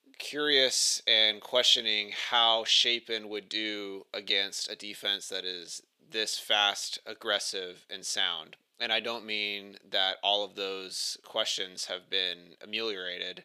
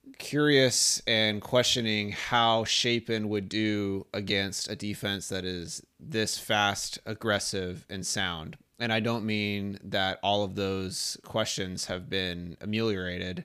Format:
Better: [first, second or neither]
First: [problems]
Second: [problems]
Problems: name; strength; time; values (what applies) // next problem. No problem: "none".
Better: second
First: thin; somewhat; fading below 500 Hz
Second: none